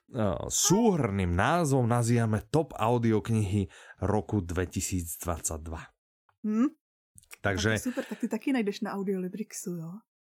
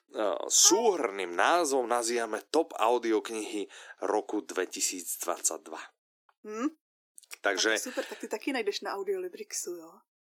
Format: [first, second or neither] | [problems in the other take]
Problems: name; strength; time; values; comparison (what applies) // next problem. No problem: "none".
first | thin; very; fading below 300 Hz